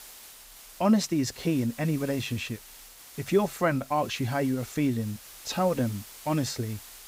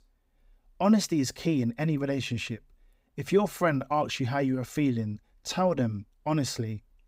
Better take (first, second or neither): second